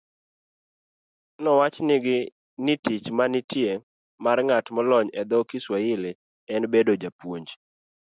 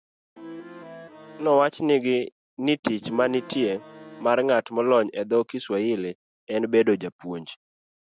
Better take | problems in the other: first | background sound (Accordion); 17 dB below the speech

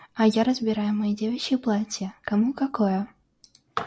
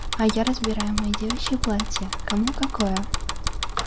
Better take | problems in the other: first | background sound (Bicycle); 1 dB below the speech

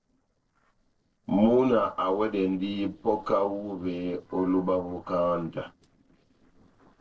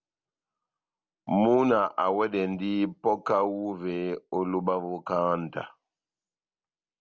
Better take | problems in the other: second | noise reduction (neural separator model SepFormer DNS4)

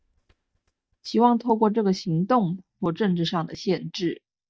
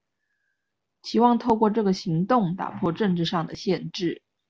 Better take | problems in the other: second | noise reduction (neural mask model DeepFilterNet 3)

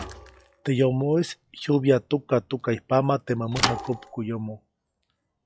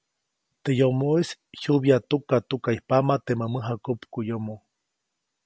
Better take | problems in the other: second | noise reduction (classical method log-MMSE)

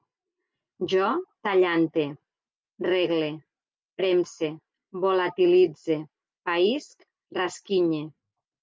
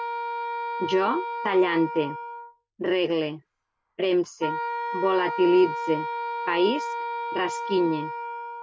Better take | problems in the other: first | background sound (Wind instrument, woodwind instrument); 5 dB below the speech

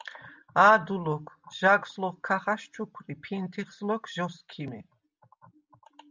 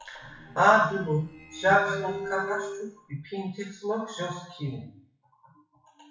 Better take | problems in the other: first | noise reduction (classical method WPE with log-MMSE)

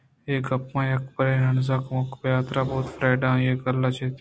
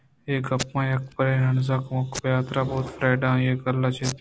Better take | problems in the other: first | background sound (Packing tape, duct tape); 17 dB below the speech

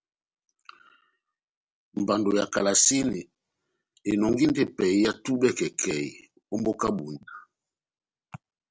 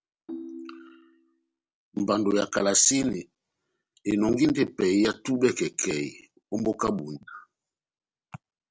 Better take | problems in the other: first | background sound (Ringtone); 15 dB below the speech

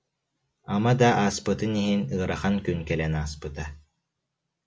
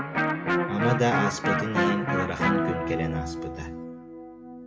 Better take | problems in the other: first | background sound (Electric guitar); 2 dB above the speech

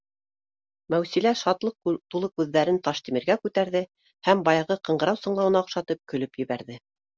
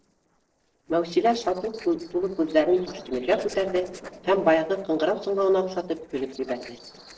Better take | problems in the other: first | noise reduction (neural separator model SepFormer DNS4)

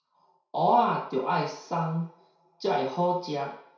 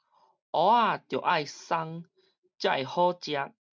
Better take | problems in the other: second | room echo; dies away in 0.6 s

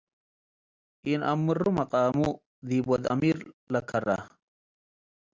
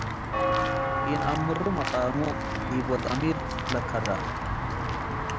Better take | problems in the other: first | background sound (Walk, footsteps / Bell); 2 dB above the speech

